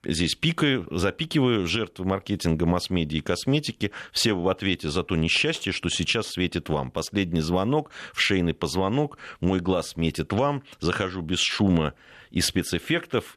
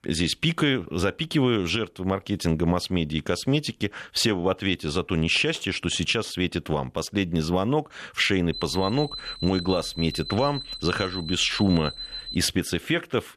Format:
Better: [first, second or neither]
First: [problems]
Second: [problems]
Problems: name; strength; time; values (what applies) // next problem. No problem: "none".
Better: first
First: none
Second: alarm; noticeable; from 8.5 to 12 s; peak 8 dB below the speech